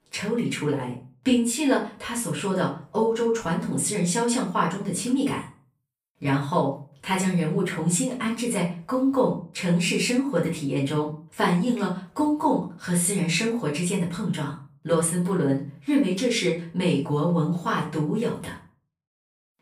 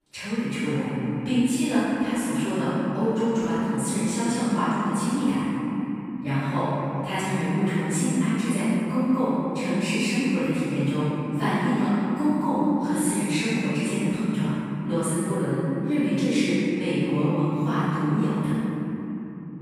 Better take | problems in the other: first | room echo; strong; dies away in 3 s; slight in the first // off-mic speech; far; far in the first

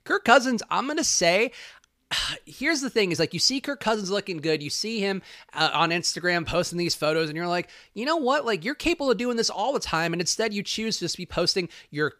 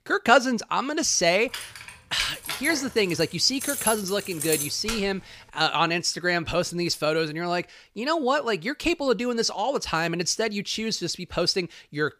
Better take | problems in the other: first | jangling keys; noticeable; from 1.5 to 5 s; peak 1 dB below the speech

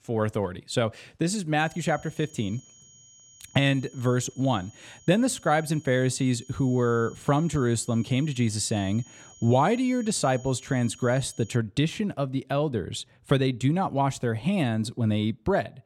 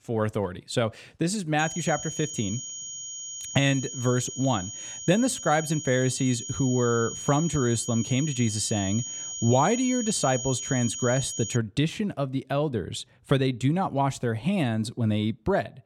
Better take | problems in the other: first | high-pitched whine; loud; from 1.5 to 12 s; 6.5 kHz, 7 dB below the speech; faint in the first

